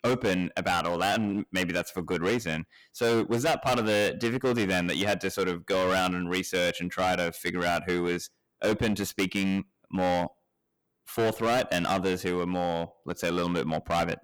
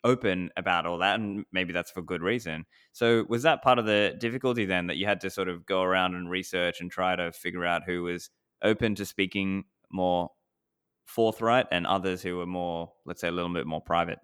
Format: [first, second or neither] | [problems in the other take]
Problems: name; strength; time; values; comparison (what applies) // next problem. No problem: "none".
second | distortion; heavy; 14% of the sound clipped